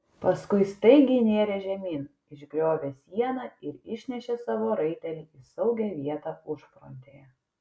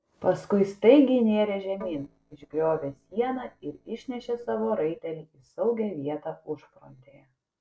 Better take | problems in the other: first | noise reduction (neural separator model SepFormer DNS4)

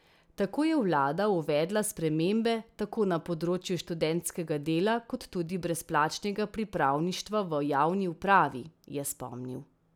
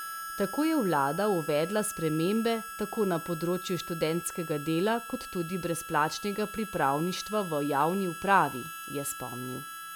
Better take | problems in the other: first | background sound (Harmonica); 11 dB below the speech

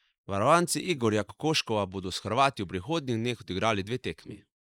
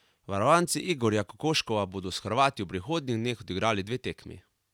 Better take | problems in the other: second | noise reduction (neural mask model Resemble Enhance denoiser)

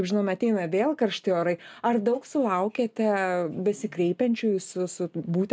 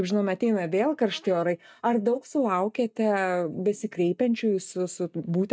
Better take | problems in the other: first | noise reduction (neural mask model DeepFilterNet 3)

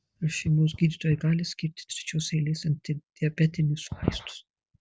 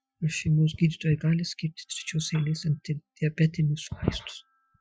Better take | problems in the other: first | noise reduction (classical method Wiener filter)

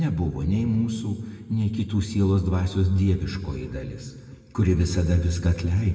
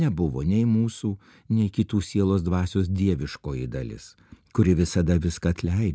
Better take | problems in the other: second | room echo; dies away in 1.5 s

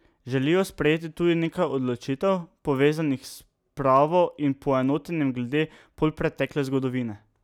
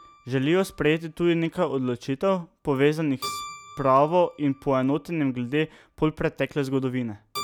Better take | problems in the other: first | background sound (Keyboard (musical)); 18 dB below the speech

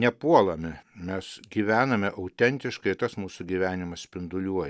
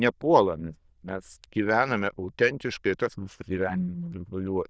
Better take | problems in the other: first | noise reduction (neural diffusion model UNIVERSE++)

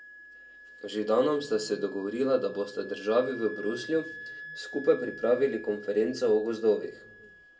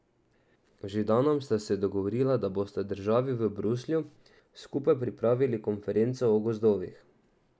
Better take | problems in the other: second | background sound (Wind instrument, woodwind instrument); 17 dB below the speech // room echo; dies away in 0.2 s

